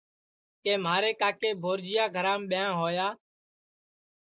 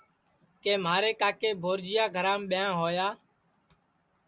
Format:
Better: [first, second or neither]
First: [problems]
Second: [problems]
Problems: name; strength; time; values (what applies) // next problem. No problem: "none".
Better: second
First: noise reduction (neural mask model Resemble Enhance denoiser)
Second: none